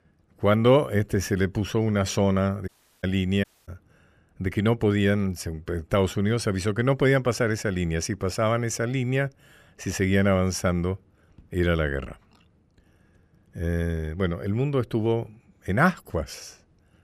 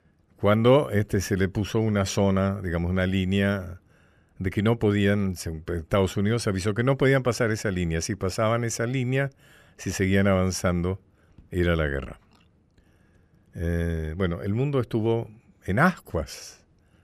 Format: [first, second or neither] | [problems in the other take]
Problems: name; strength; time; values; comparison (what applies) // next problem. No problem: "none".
second | audio cutting out; at 2.5 s and at 3.5 s